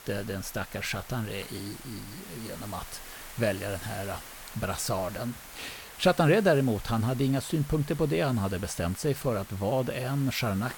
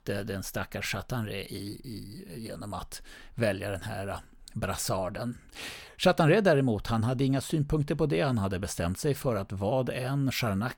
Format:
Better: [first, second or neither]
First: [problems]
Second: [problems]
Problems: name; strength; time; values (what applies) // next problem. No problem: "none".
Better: second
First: hiss; noticeable; throughout; 15 dB below the speech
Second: none